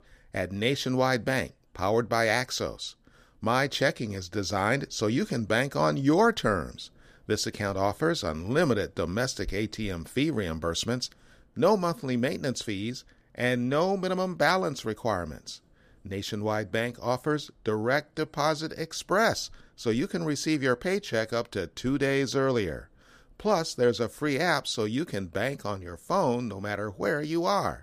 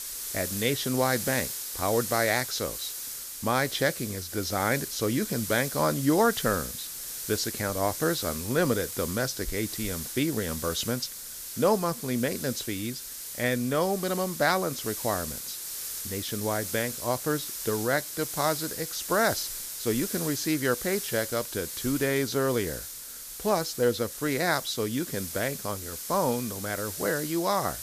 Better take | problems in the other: first | hiss; loud; throughout; 5 dB below the speech

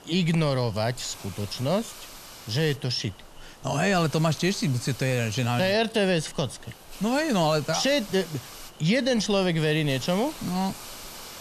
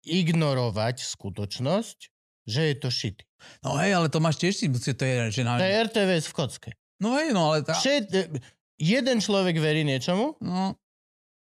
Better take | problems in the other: second | hiss; noticeable; throughout; 15 dB below the speech

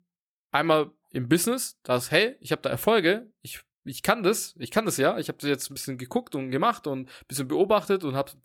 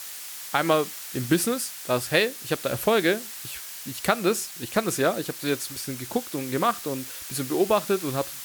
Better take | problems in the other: first | hiss; loud; throughout; 9 dB below the speech

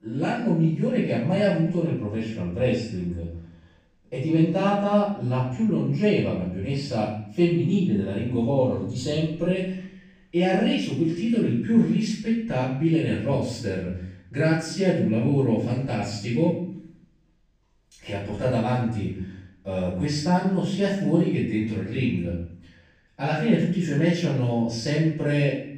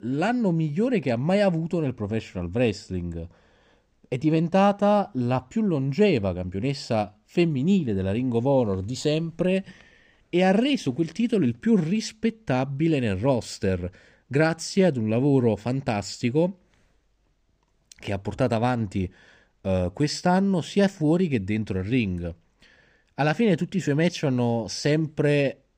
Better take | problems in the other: second | off-mic speech; far // room echo; noticeable; dies away in 0.6 s

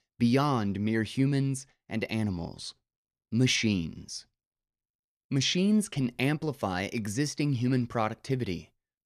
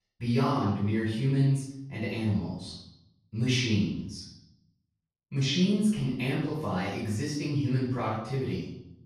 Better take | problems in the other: first | off-mic speech; far // room echo; noticeable; dies away in 0.7 s

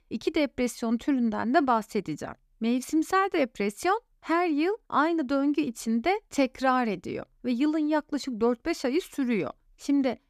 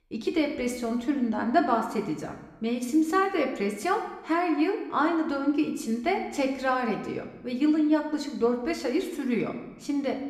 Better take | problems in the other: first | room echo; slight; dies away in 0.9 s // off-mic speech; somewhat distant

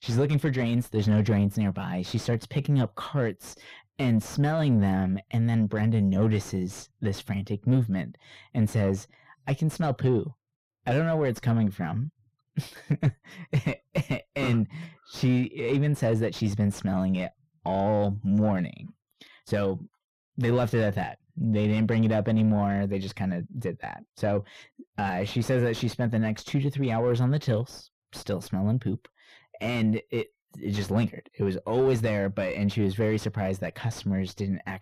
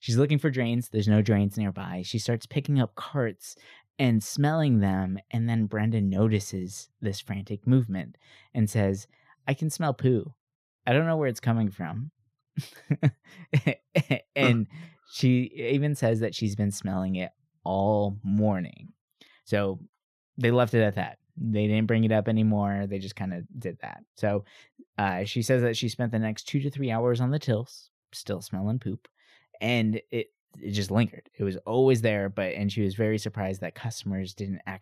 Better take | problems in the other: second | distortion; slight; 10 dB below the speech

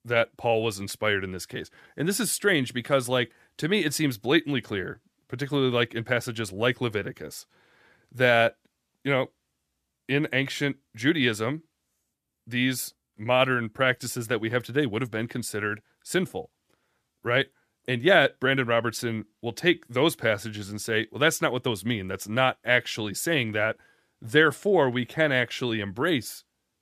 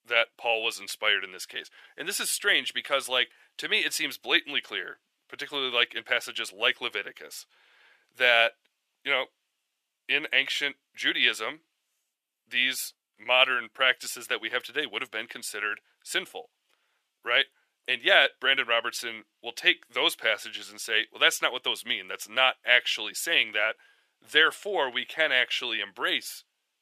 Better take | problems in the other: first | thin; very; fading below 600 Hz

